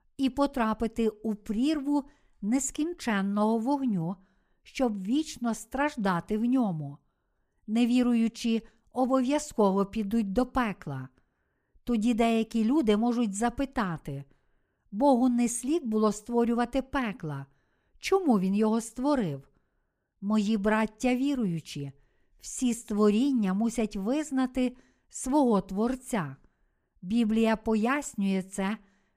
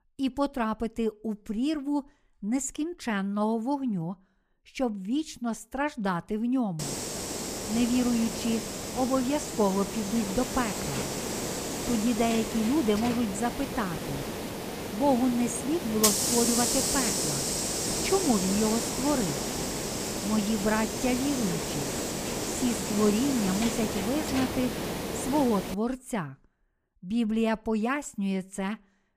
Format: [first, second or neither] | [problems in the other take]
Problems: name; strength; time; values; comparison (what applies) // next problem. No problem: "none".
first | hiss; loud; from 7 to 26 s; 1 dB below the speech